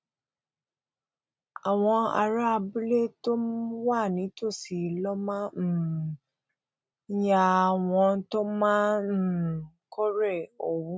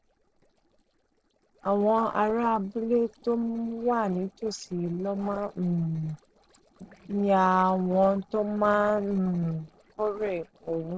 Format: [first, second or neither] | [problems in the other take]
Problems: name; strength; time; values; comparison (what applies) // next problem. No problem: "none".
first | noise reduction (neural separator model SepFormer DNS4)